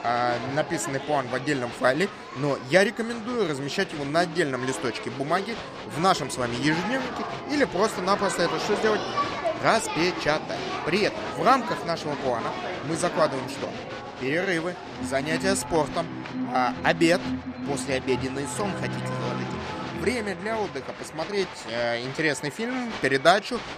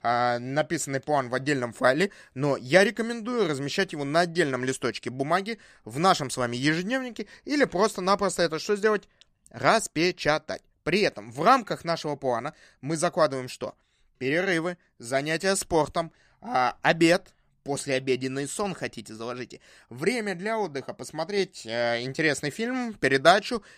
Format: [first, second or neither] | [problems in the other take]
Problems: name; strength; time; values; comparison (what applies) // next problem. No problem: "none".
second | crowd noise; loud; throughout; 7 dB below the speech